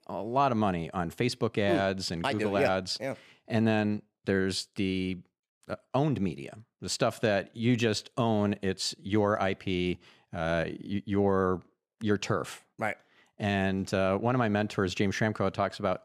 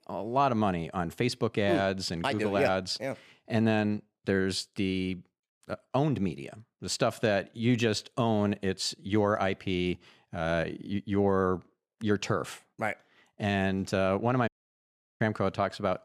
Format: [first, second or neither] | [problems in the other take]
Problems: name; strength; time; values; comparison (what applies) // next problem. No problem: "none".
first | audio cutting out; at 14 s for 0.5 s